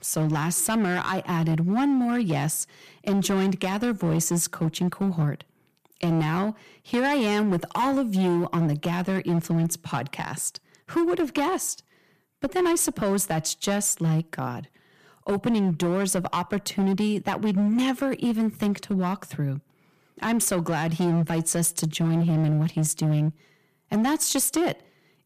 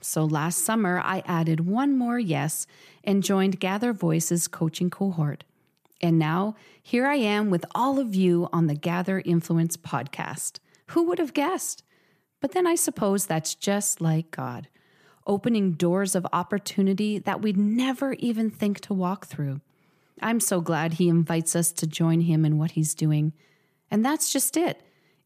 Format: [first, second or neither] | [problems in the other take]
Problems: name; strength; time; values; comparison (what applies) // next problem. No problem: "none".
second | distortion; slight; 12% of the sound clipped